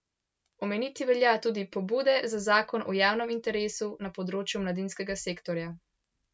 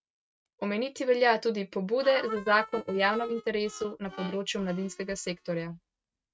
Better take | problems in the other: first | noise reduction (neural mask model RNNoise)

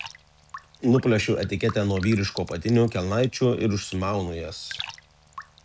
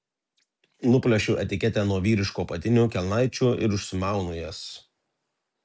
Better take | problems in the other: second | background sound (Raindrop); 17 dB below the speech

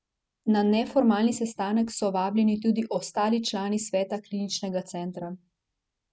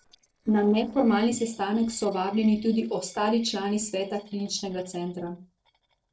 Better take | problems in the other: first | noise reduction (neural separator model SepFormer DNS4)

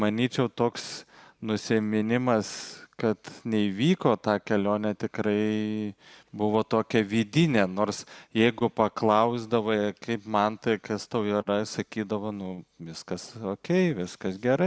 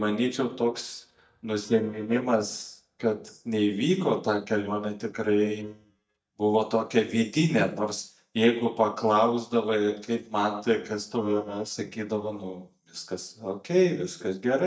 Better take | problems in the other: first | noise reduction (neural mask model DeepFilterNet 3)

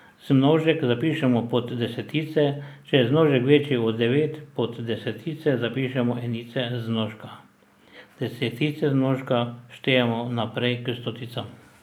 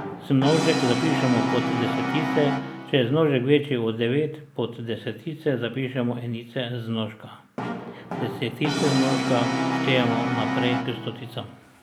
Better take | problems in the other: first | background sound (Brass instrument); 3 dB below the speech

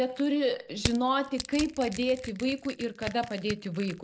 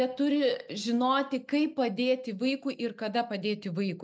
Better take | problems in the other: second | background sound (Crushing); 11 dB below the speech

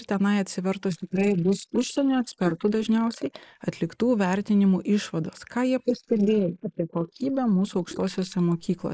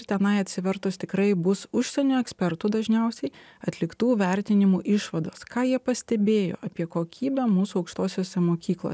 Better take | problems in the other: second | noise reduction (neural mask model Resemble Enhance denoiser)

